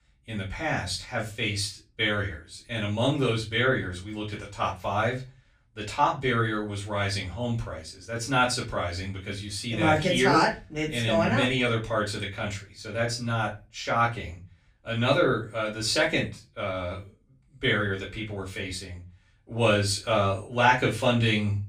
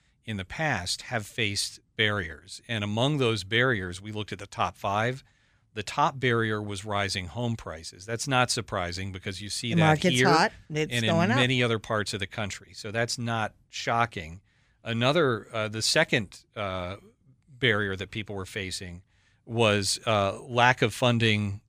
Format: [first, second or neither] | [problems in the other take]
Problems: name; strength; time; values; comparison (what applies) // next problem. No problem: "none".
second | off-mic speech; far // room echo; very slight; dies away in 0.2 s